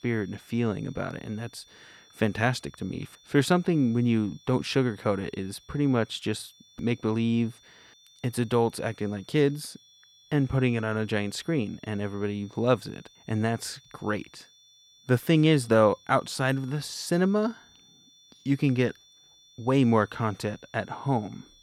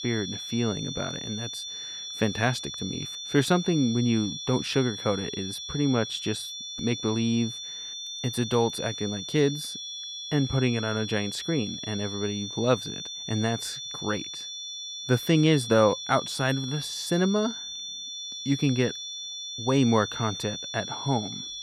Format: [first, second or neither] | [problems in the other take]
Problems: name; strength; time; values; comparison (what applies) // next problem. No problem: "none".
first | high-pitched whine; loud; throughout; 3.5 kHz, 7 dB below the speech; faint in the first